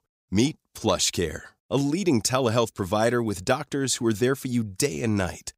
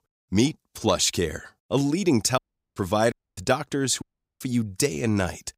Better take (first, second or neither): first